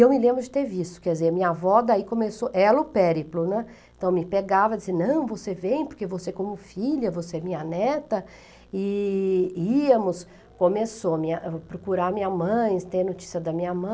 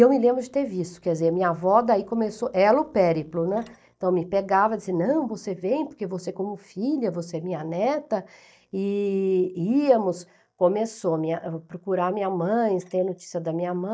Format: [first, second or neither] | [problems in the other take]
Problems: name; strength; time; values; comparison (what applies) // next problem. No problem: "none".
first | noise reduction (neural mask model DeepFilterNet 3)